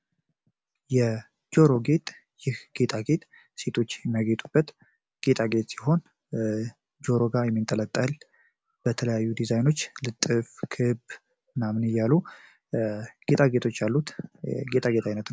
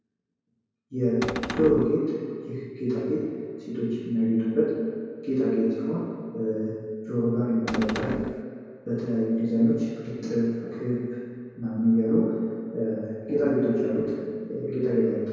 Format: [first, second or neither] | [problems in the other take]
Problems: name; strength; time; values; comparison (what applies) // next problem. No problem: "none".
first | background sound (Cupboard open or close); 7 dB below the speech // room echo; dies away in 2.2 s